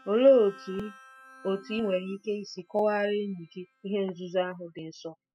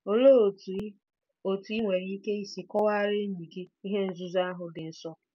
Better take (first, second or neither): second